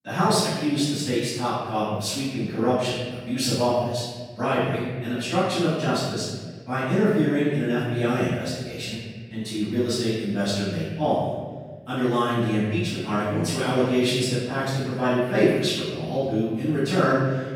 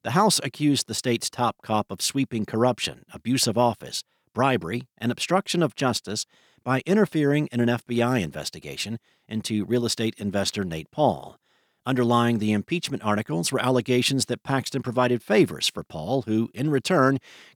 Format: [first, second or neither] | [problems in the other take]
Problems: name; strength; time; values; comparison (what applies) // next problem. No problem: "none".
second | off-mic speech; far // room echo; strong; dies away in 1.5 s